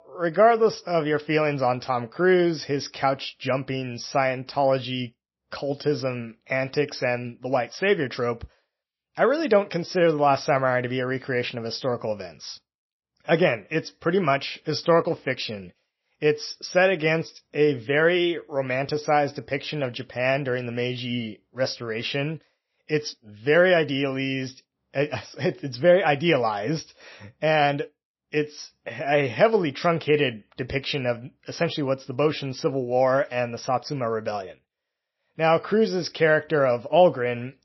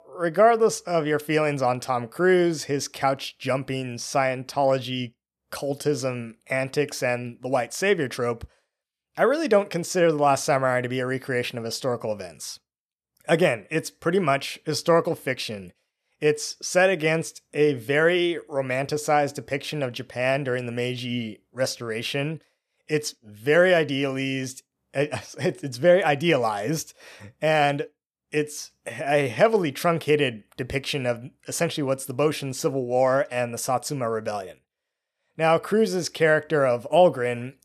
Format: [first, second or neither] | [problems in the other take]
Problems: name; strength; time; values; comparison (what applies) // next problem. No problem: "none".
second | garbled, watery; slightly; nothing above 5.5 kHz